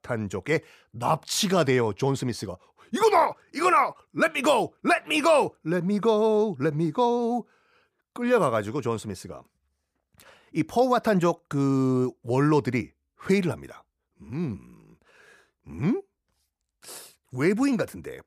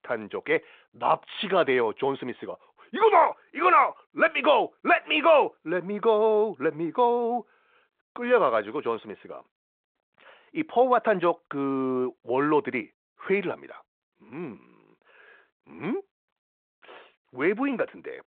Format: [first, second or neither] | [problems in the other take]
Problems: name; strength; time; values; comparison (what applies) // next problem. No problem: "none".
first | phone-call audio